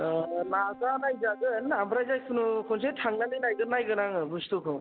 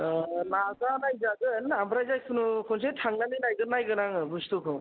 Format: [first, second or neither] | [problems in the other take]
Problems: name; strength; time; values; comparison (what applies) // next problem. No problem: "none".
second | background sound (Brass instrument); 19 dB below the speech